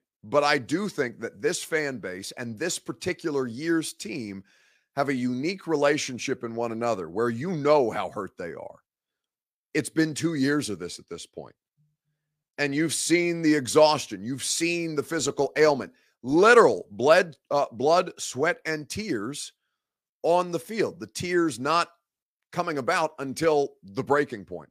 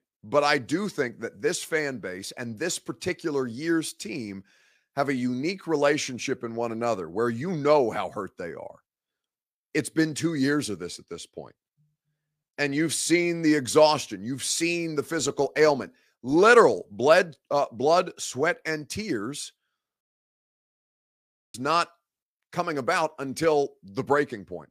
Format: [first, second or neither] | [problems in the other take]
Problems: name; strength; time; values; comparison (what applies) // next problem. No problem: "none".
first | audio cutting out; at 20 s for 1.5 s